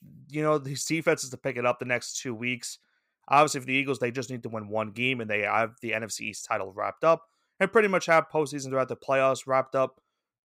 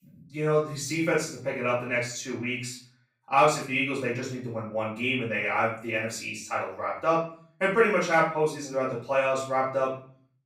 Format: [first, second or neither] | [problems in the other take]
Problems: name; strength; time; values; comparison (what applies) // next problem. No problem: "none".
first | off-mic speech; far // room echo; noticeable; dies away in 0.4 s